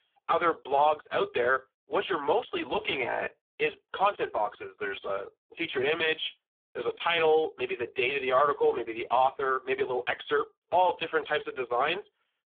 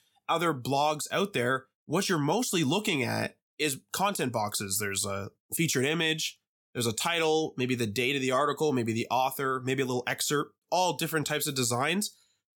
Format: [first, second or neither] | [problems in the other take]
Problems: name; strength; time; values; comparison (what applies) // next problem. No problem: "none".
second | phone-call audio; poor line; nothing above 3.5 kHz